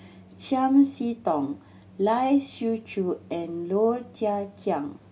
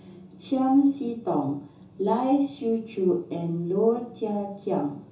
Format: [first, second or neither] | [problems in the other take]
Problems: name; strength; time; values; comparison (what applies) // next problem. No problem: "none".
first | room echo; dies away in 0.7 s